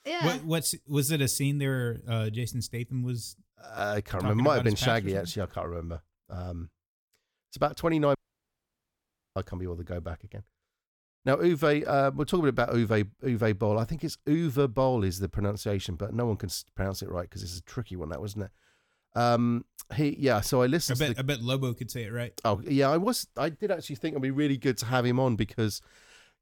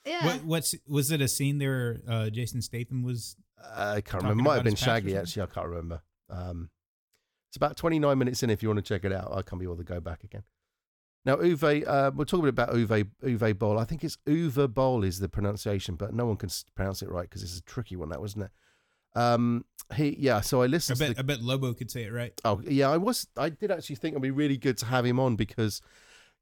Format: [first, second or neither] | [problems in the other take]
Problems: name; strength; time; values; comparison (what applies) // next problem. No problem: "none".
second | audio cutting out; at 8 s for 1 s